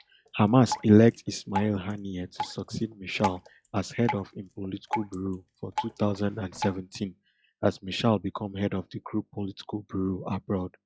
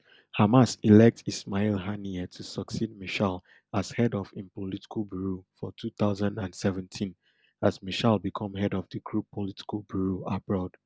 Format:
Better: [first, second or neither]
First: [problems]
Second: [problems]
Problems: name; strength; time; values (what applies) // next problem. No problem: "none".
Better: second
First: noise reduction (classical method log-MMSE)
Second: none